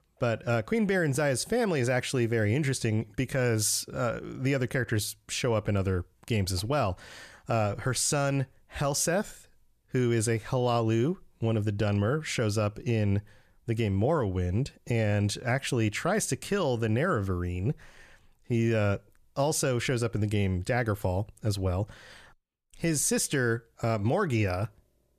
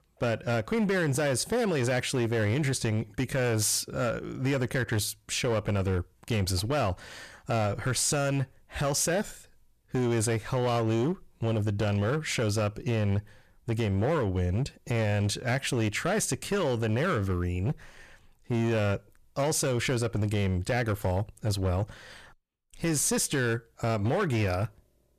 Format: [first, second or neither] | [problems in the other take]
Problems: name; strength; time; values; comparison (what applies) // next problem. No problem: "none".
first | distortion; slight; 13% of the sound clipped